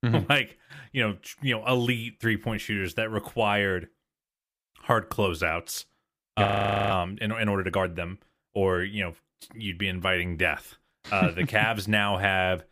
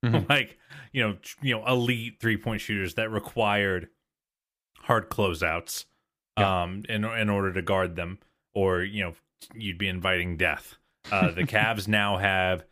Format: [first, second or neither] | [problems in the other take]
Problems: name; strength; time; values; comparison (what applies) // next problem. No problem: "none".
second | audio freezing; at 6.5 s